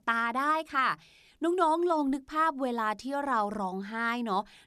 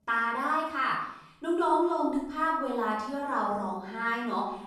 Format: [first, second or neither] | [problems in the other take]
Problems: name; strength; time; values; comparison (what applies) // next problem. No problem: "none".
first | off-mic speech; far // room echo; noticeable; dies away in 0.6 s